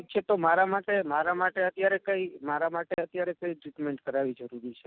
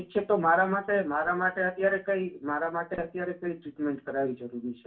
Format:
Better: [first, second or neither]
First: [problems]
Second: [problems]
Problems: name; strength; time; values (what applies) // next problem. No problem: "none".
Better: first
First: none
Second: room echo; dies away in 0.2 s